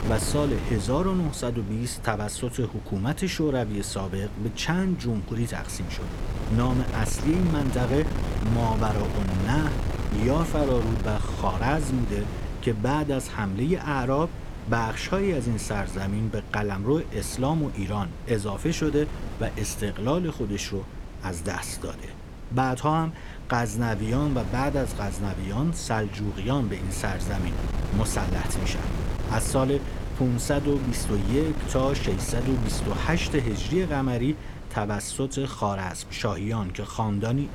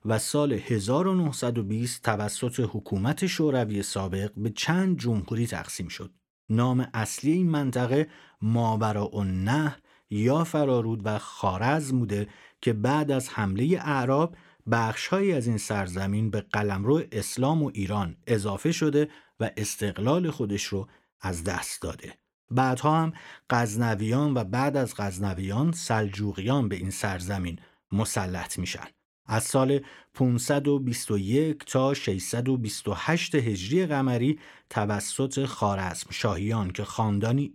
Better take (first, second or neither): second